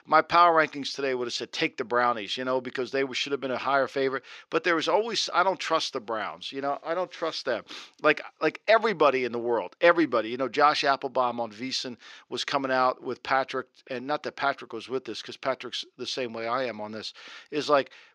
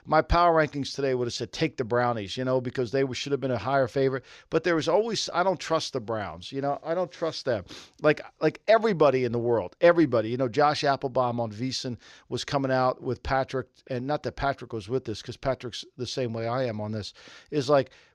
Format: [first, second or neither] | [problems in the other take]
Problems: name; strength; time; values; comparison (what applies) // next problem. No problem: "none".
second | thin; very slightly; fading below 250 Hz